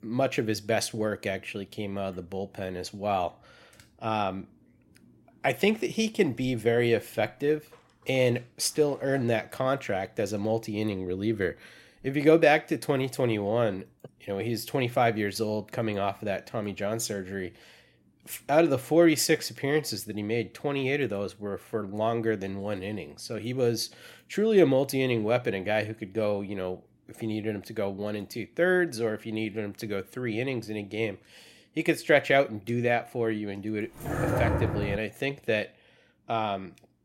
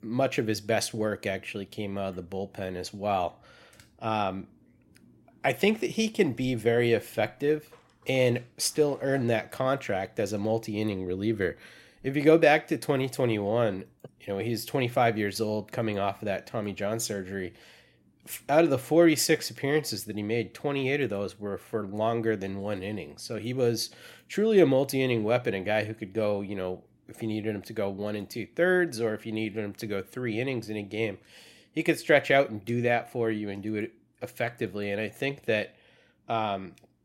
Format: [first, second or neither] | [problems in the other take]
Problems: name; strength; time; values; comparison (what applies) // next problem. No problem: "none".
second | dog barking; loud; at 34 s; peak 1 dB above the speech